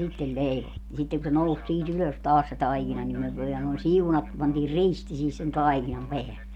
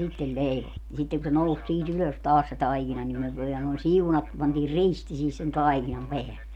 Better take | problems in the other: second | background sound (Bass guitar); 19 dB below the speech

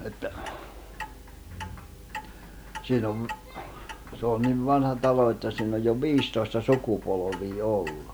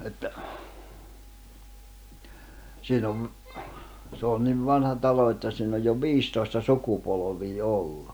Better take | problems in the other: second | background sound (Clock); 15 dB below the speech

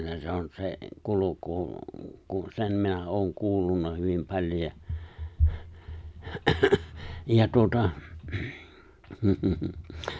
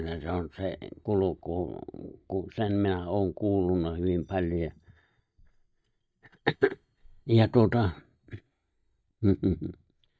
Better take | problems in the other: first | noise reduction (neural mask model DeepFilterNet 3)

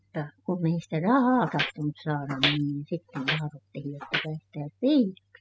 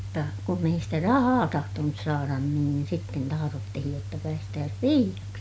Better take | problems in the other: second | noise reduction (classical method spectral subtraction)

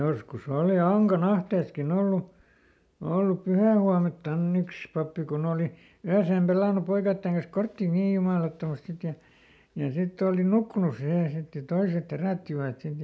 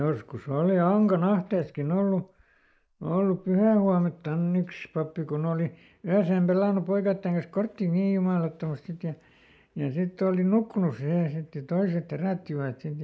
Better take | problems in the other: first | noise reduction (neural mask model Resemble Enhance denoiser)

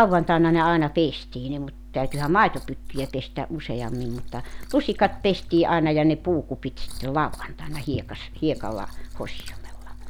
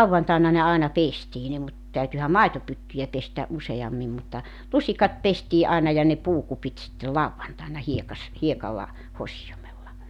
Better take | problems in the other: second | background sound (Liquid); 11 dB below the speech

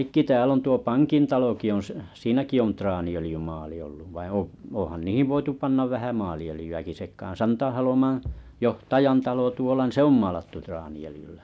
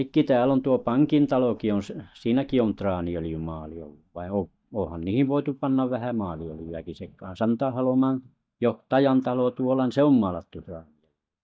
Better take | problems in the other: first | noise reduction (neural mask model DeepFilterNet 3)

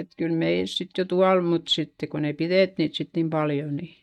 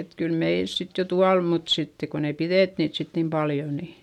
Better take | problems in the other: second | noise reduction (neural mask model DeepFilterNet 3)

